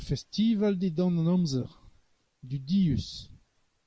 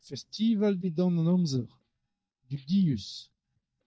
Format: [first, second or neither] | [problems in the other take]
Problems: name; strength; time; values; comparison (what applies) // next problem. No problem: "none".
first | noise reduction (neural mask model DeepFilterNet 3)